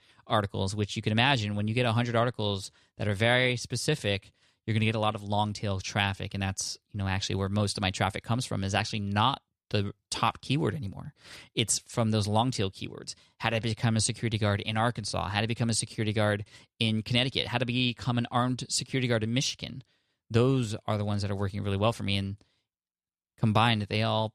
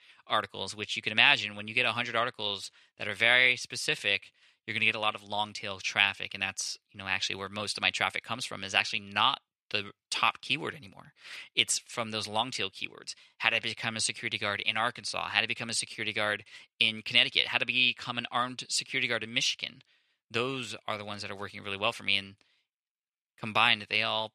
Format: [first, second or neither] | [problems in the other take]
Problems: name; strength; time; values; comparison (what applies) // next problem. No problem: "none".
first | thin; somewhat; fading below 1 kHz